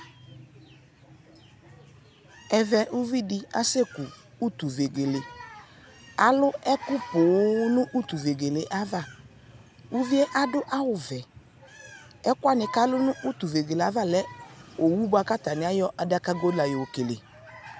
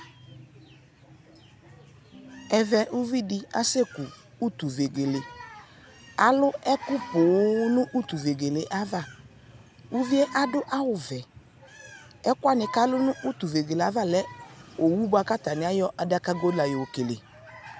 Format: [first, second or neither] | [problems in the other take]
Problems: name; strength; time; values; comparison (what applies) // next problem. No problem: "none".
first | background sound (Piano); 19 dB below the speech